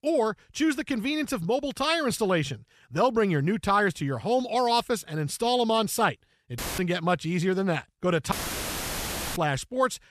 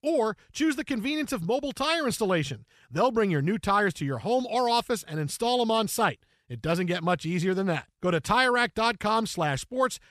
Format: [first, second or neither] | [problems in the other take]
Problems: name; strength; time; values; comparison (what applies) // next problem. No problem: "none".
second | audio cutting out; filled with static; at 6.5 s and at 8.5 s for 1 s